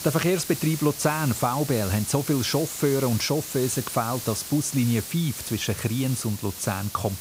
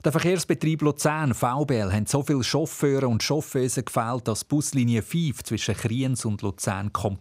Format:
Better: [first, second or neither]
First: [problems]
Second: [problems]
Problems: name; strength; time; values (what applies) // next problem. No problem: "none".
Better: second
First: hiss; loud; throughout; 8 dB below the speech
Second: none